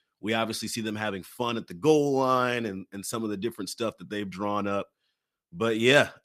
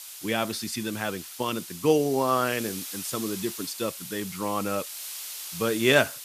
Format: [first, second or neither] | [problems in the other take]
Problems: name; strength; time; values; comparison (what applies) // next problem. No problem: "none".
first | hiss; loud; throughout; 9 dB below the speech